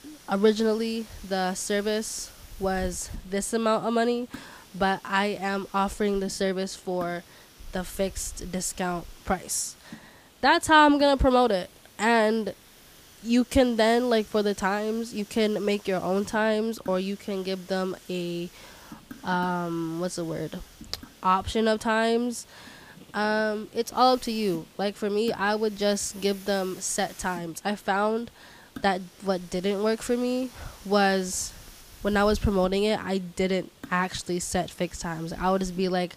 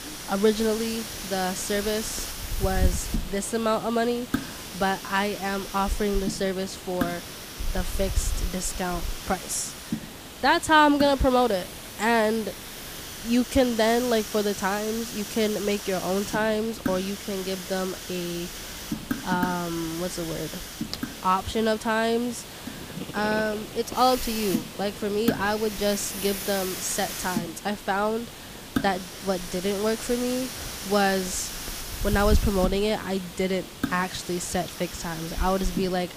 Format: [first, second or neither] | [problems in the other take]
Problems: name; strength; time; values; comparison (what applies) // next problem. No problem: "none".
first | hiss; loud; throughout; 7 dB below the speech; faint in the first